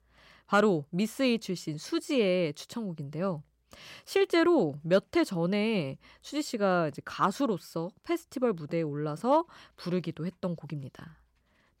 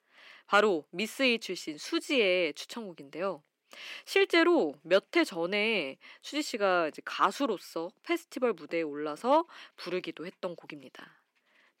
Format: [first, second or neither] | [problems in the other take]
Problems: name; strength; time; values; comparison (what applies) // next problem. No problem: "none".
first | thin; very slightly; fading below 250 Hz